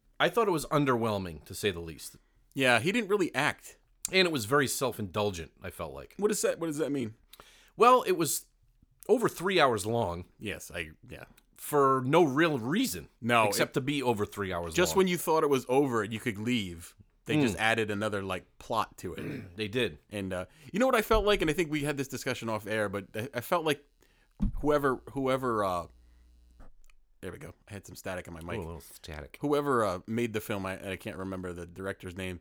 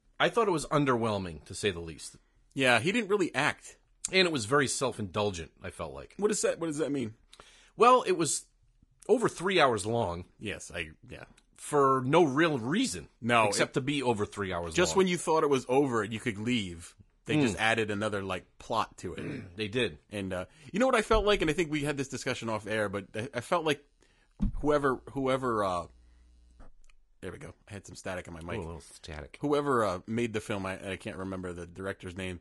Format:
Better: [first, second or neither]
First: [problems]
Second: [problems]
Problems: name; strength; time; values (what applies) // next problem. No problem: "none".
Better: first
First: none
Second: garbled, watery; slightly; nothing above 10.5 kHz